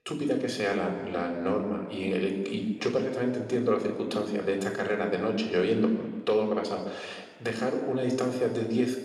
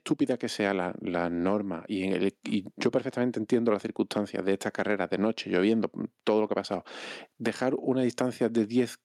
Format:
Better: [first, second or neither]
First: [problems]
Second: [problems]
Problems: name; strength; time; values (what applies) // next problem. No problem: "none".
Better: second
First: room echo; noticeable; dies away in 1.2 s // off-mic speech; somewhat distant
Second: none